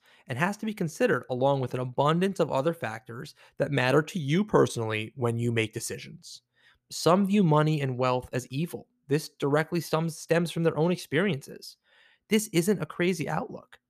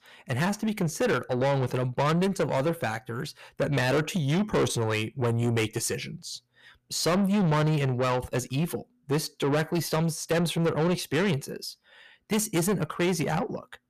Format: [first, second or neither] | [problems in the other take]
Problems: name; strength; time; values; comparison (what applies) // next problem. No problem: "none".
first | distortion; heavy; 7 dB below the speech